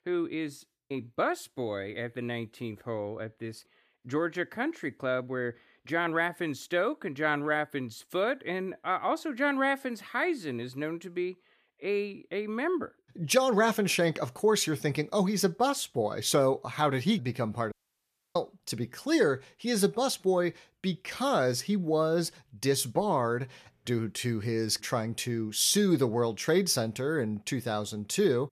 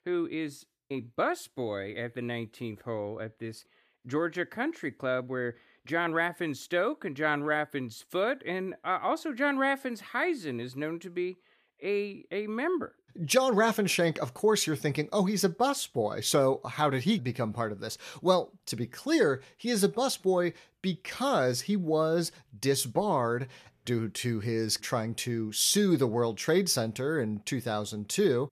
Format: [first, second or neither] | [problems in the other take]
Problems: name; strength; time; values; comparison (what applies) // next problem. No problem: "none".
second | audio cutting out; at 18 s for 0.5 s